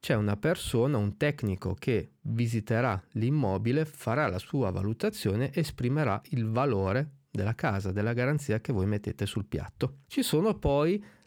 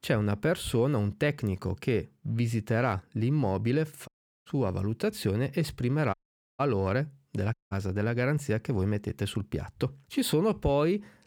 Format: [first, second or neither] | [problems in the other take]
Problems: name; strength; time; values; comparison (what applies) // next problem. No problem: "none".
first | audio cutting out; at 4 s, at 6 s and at 7.5 s